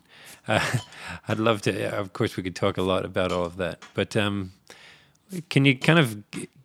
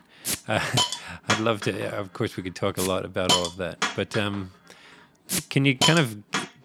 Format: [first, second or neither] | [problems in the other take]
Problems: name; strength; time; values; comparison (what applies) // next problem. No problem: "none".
first | hiss; loud; throughout; as loud as the speech; faint in the first